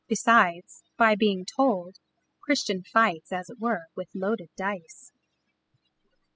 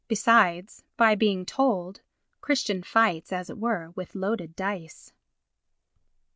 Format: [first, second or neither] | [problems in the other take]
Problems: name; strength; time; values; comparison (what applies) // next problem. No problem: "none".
second | noise reduction (classical method spectral subtraction)